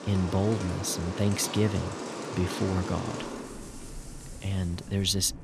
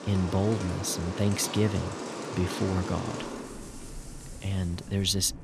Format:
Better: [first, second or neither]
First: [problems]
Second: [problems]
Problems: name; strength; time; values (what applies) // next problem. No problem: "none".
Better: neither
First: rain or running water; loud; throughout; 8 dB below the speech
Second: rain or running water; loud; throughout; 8 dB below the speech